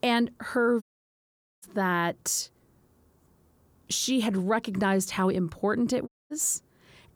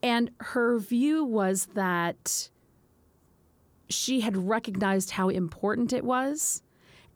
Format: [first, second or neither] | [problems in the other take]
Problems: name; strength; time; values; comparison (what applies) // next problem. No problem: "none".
second | audio cutting out; at 1 s for 1 s and at 6 s